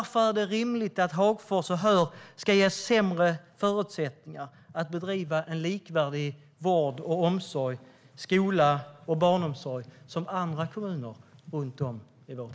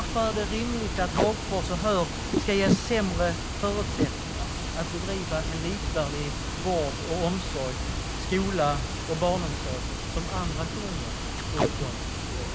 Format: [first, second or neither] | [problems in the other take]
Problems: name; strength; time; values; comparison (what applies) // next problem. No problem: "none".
first | background sound (Water + Packing tape, duct tape); as loud as the speech